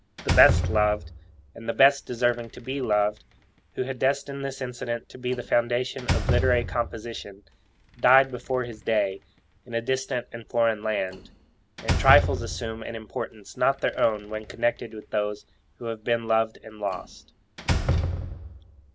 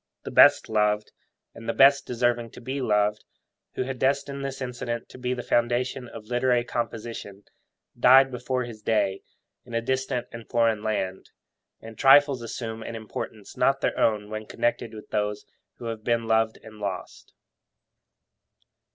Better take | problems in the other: second | background sound (Slam); 6 dB below the speech

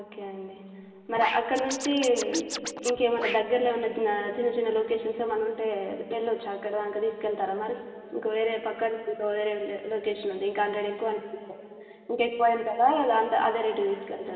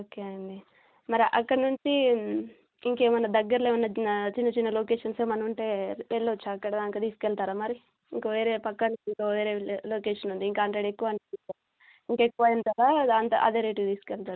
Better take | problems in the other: second | background sound (Scratching (performance technique)); 9 dB below the speech // room echo; dies away in 2.7 s

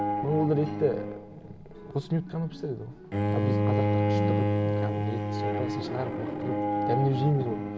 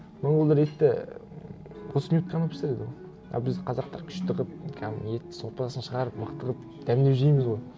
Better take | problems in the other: second | background sound (Bowed string instrument); 2 dB above the speech

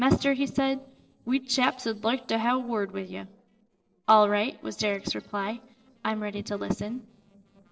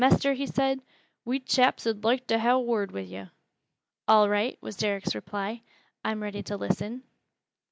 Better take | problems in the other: second | noise reduction (neural separator model SepFormer DNS4)

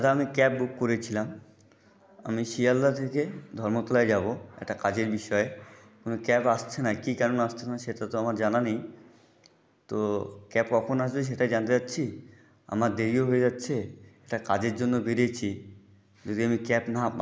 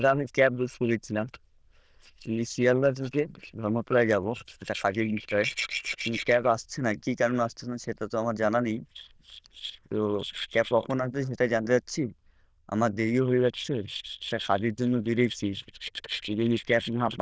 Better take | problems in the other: first | noise reduction (neural diffusion model UNIVERSE++)

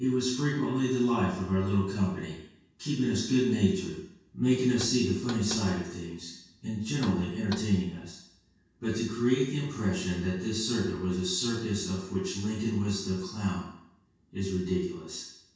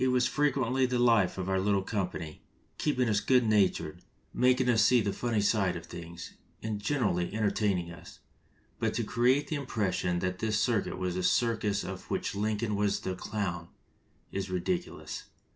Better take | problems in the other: second | background sound (Knock); 17 dB below the speech // room echo; dies away in 0.6 s

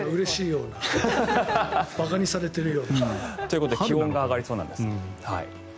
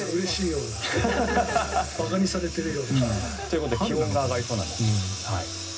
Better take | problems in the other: first | background sound (Engine); 11 dB below the speech // room echo; dies away in 0.4 s

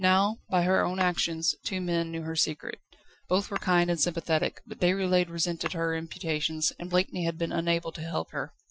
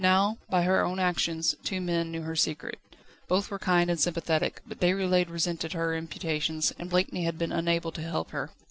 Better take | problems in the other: second | noise reduction (classical method Wiener filter)

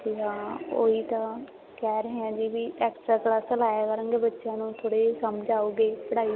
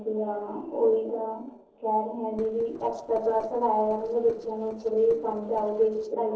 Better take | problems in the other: first | noise reduction (neural separator model SepFormer DNS4)

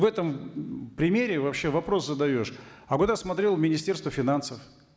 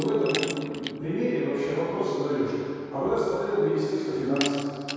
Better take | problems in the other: first | background sound (Glass); 13 dB below the speech // room echo; dies away in 2.2 s

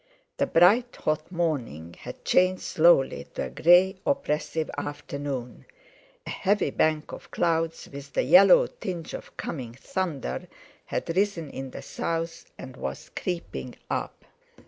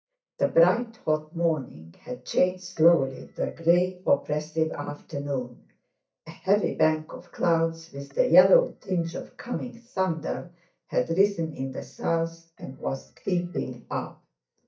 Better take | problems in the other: first | noise reduction (neural mask model DeepFilterNet 3)

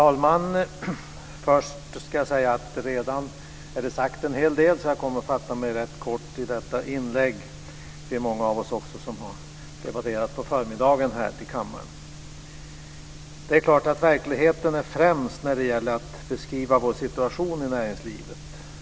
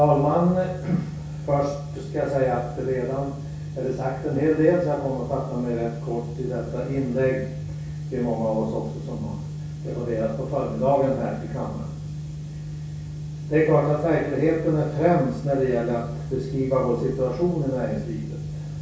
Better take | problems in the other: first | room echo; dies away in 0.6 s

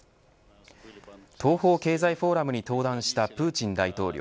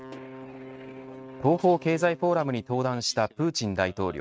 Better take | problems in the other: first | noise reduction (neural mask model RNNoise)

